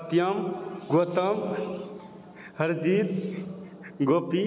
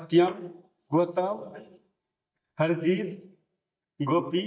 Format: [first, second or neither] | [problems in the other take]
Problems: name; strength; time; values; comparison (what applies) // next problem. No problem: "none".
first | noise reduction (neural mask model DeepFilterNet 3)